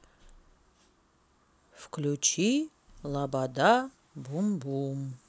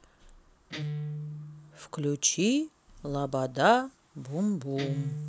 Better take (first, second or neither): first